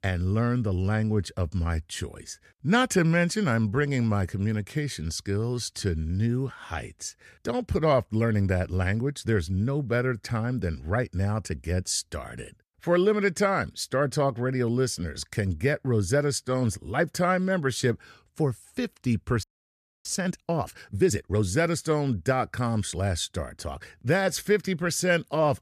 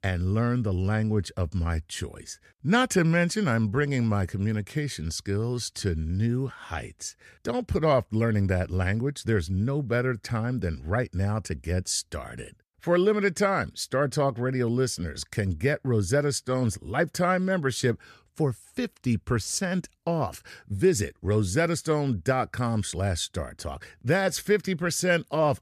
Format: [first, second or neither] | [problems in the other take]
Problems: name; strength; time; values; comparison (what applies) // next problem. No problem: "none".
second | audio freezing; at 19 s for 0.5 s